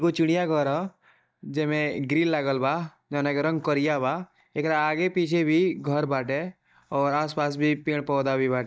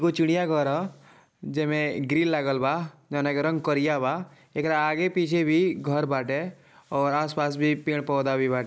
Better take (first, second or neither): second